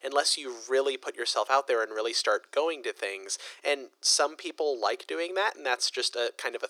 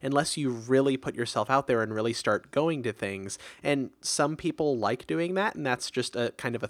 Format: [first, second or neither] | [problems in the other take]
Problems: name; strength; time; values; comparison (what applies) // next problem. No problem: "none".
second | thin; very; fading below 400 Hz